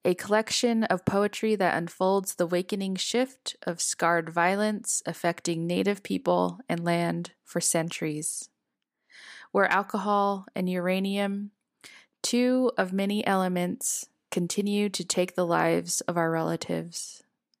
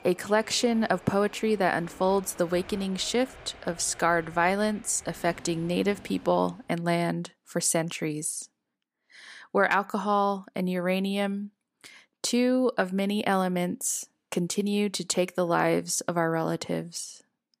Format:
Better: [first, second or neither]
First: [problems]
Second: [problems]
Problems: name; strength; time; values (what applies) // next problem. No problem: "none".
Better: first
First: none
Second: train or aircraft noise; faint; until 6.5 s; 20 dB below the speech